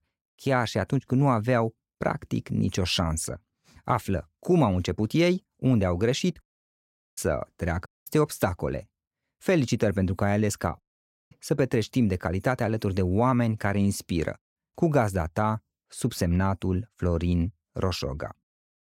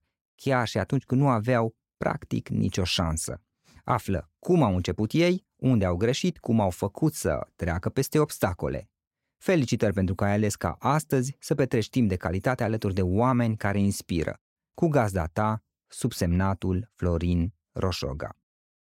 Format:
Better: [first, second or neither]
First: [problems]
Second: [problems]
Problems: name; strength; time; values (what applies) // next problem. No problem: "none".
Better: second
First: audio cutting out; at 6.5 s for 1 s, at 8 s and at 11 s for 0.5 s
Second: none